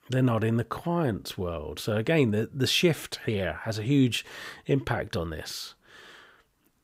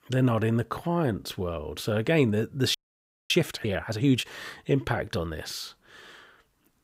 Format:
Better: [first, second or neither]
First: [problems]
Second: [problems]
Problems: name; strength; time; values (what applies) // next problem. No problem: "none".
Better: first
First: none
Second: audio freezing; at 2.5 s for 0.5 s